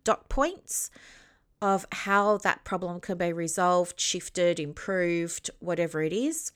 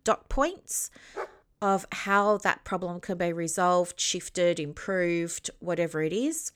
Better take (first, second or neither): first